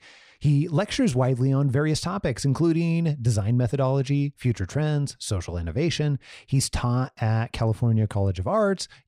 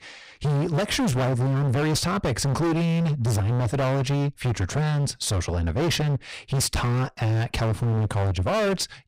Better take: first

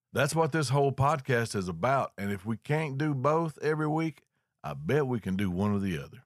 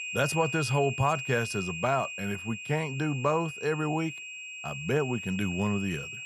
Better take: first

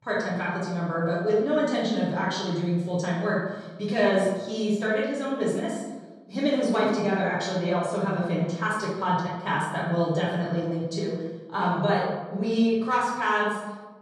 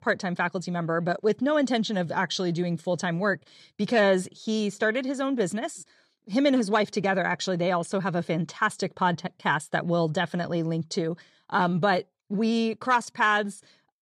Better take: second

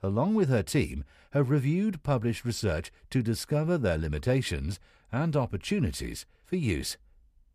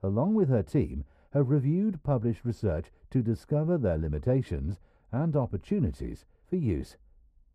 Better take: first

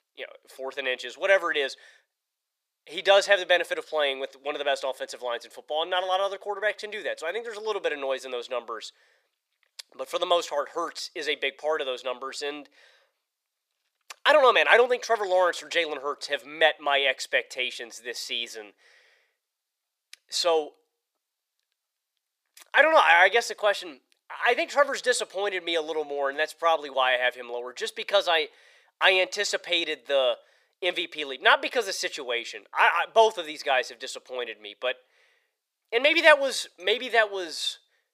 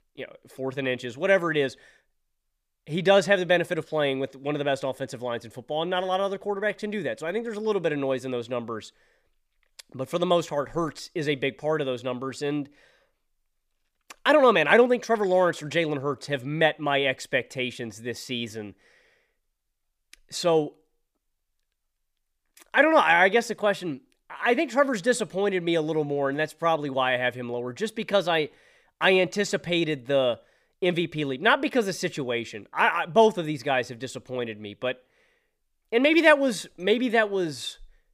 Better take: second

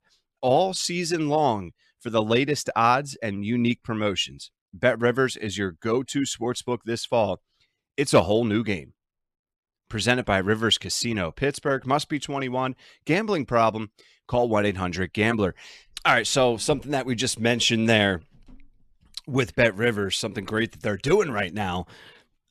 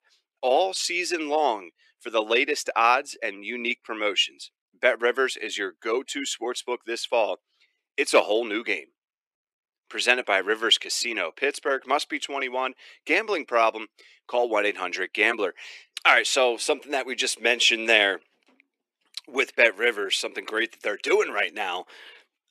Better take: first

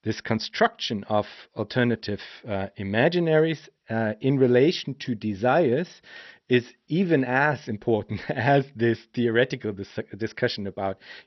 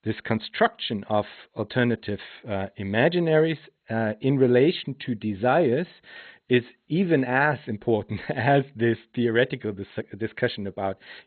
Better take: first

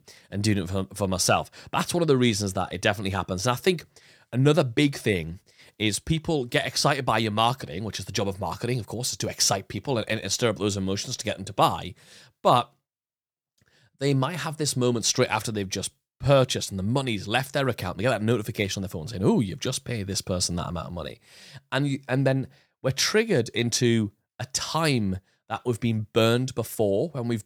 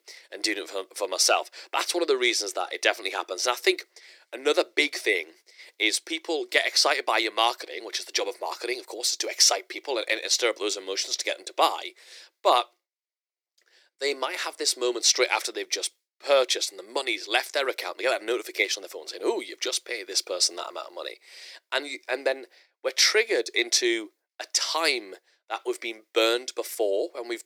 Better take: first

